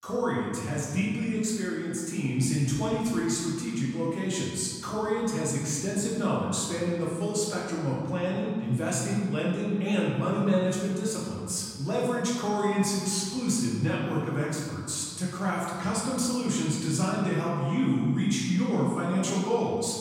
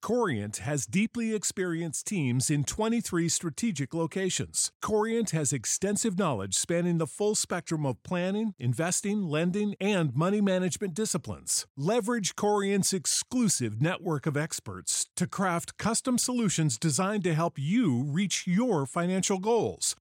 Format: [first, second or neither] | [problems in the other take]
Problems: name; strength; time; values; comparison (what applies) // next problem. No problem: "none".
second | room echo; noticeable; dies away in 1.7 s // off-mic speech; far